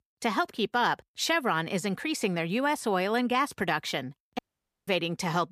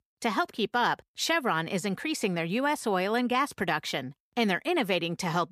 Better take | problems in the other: second | audio cutting out; at 4.5 s

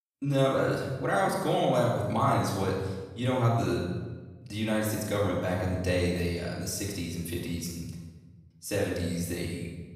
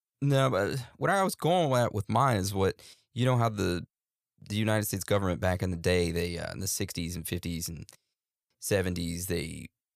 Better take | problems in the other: second | room echo; noticeable; dies away in 1.1 s // off-mic speech; far

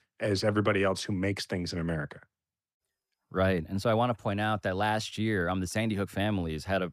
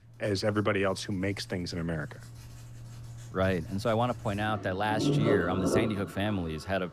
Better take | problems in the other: first | household noises; loud; throughout; 3 dB below the speech

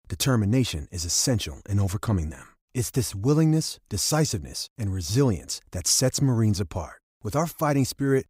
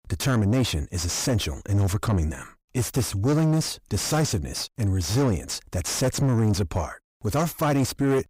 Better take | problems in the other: first | distortion; heavy; 7 dB below the speech

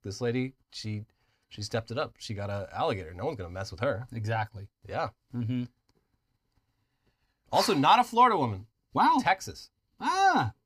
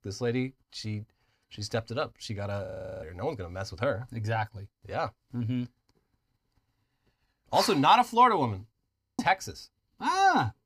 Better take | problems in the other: first | audio freezing; at 2.5 s and at 9 s

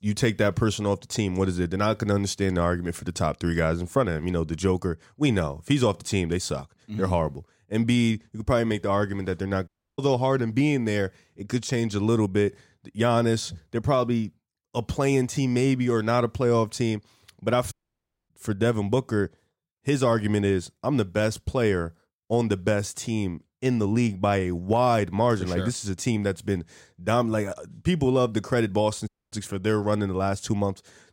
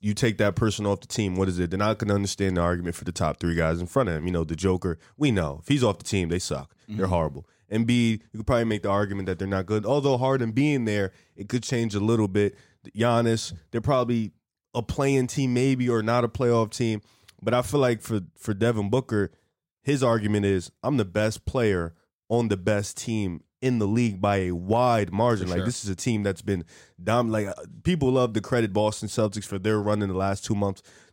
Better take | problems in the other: second | audio cutting out; at 9.5 s, at 18 s for 0.5 s and at 29 s

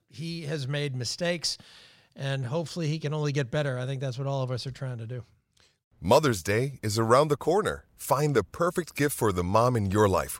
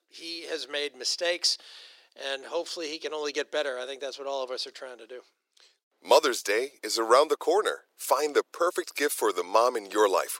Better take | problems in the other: first | thin; very; fading below 350 Hz

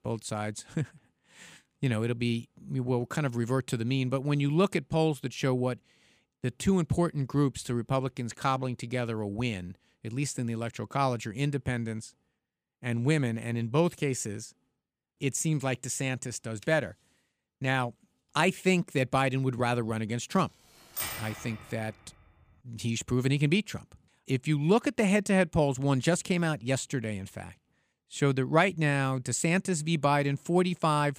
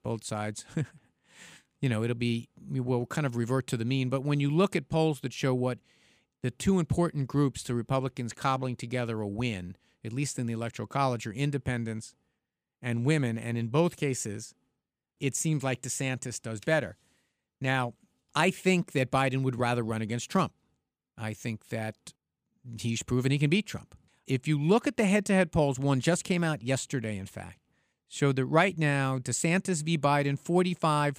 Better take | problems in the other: second | keyboard typing; noticeable; at 21 s; peak 4 dB below the speech

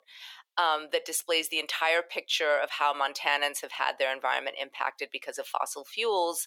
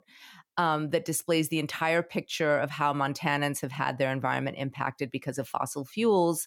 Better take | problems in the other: second | thin; very; fading below 450 Hz

